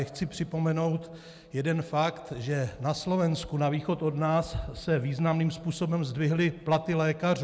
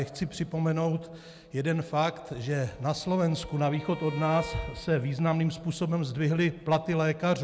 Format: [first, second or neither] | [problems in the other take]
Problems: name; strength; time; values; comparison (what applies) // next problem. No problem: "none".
first | background sound (Bowed string instrument); 17 dB below the speech